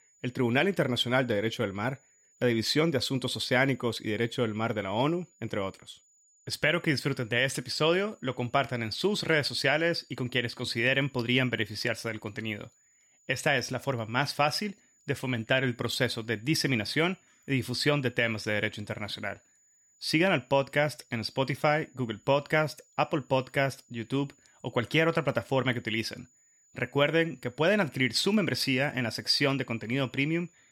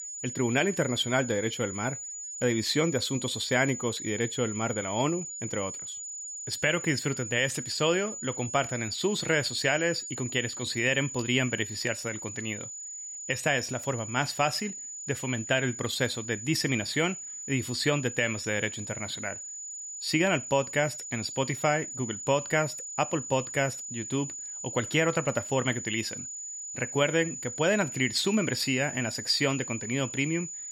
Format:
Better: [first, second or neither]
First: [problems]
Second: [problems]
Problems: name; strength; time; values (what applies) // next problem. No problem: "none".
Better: first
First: high-pitched whine; faint; throughout; 7 kHz, 35 dB below the speech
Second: high-pitched whine; loud; throughout; 7 kHz, 7 dB below the speech